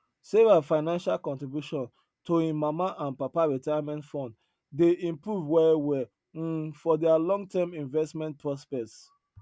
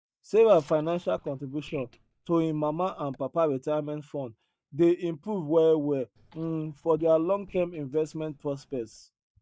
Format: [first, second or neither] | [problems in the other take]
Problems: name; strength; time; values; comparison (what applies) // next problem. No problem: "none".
first | noise reduction (neural mask model DeepFilterNet 3)